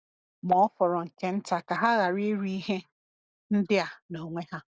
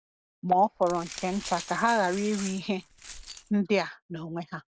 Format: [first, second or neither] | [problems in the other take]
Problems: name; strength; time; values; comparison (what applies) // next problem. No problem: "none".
first | background sound (Glass); 14 dB below the speech